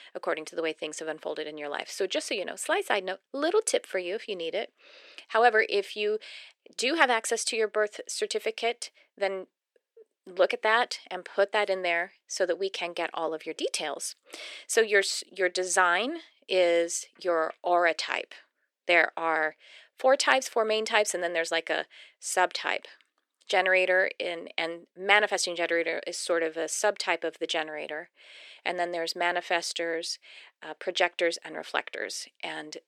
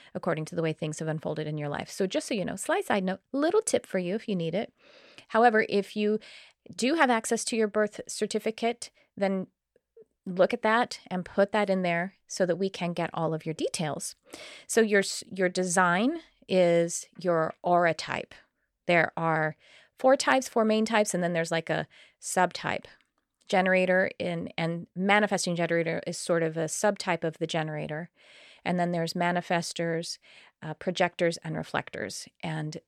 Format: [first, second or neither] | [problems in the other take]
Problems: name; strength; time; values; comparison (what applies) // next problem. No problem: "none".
second | thin; very; fading below 350 Hz